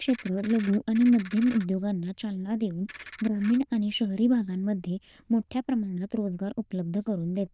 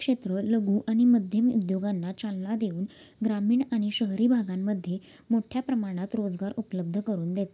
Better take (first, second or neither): second